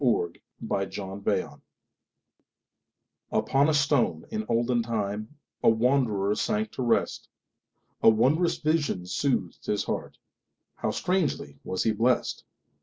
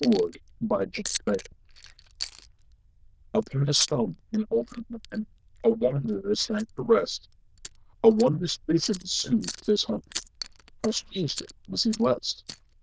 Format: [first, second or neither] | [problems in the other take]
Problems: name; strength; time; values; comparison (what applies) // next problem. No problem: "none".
first | noise reduction (neural diffusion model UNIVERSE++)